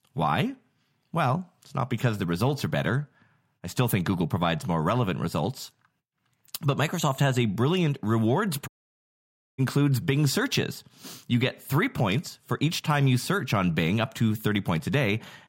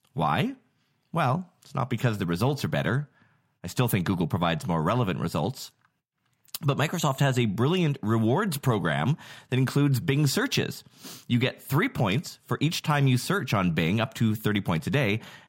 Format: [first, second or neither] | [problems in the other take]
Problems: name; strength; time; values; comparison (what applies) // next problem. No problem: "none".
second | audio cutting out; at 8.5 s for 1 s